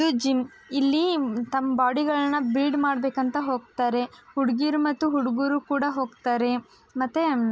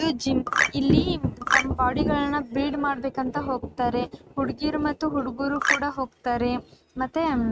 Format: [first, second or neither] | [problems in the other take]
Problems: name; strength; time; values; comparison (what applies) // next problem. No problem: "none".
first | noise reduction (neural mask model RNNoise)